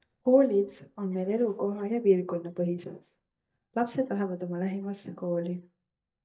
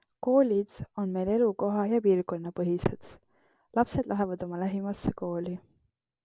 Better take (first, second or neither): second